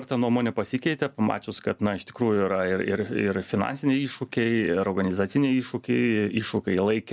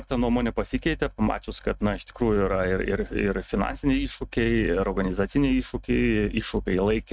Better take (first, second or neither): first